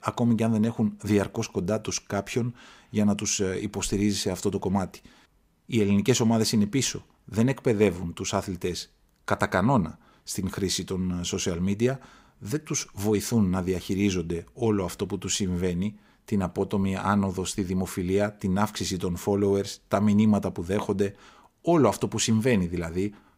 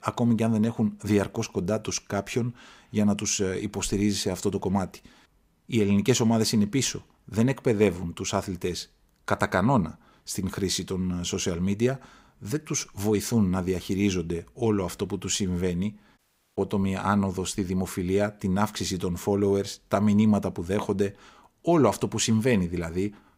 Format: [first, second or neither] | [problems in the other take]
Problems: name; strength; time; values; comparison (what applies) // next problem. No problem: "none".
first | audio cutting out; at 16 s